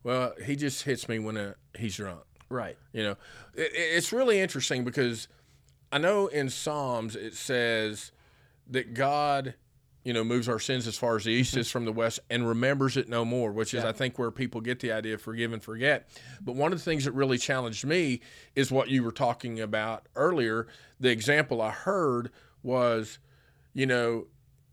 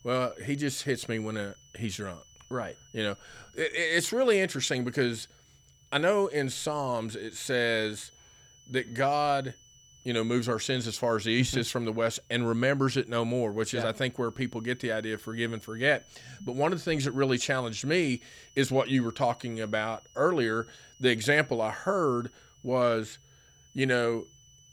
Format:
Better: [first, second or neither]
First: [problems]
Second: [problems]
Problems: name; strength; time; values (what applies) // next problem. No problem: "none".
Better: first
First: none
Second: high-pitched whine; faint; throughout; 3 kHz, 30 dB below the speech